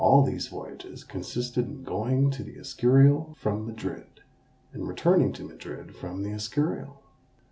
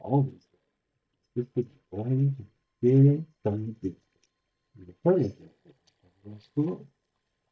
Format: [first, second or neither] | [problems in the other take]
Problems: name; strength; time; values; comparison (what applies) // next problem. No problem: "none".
first | noise reduction (neural mask model DeepFilterNet 3)